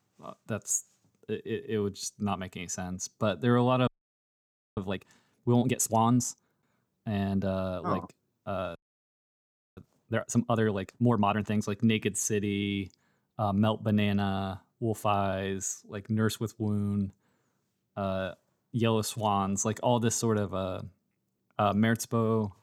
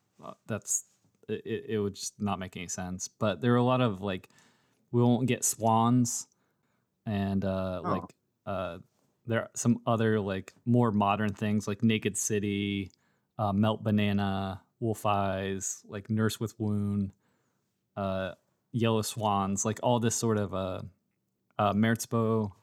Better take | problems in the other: second | audio freezing; at 4 s for 1 s and at 9 s for 1 s

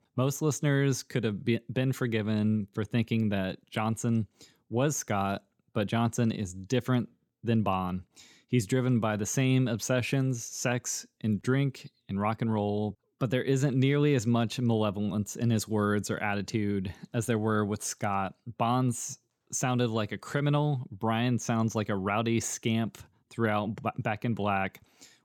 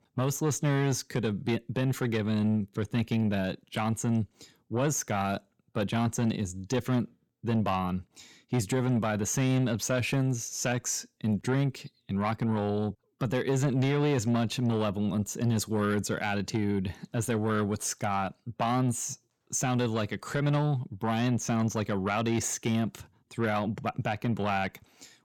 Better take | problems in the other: first | distortion; slight; 10 dB below the speech

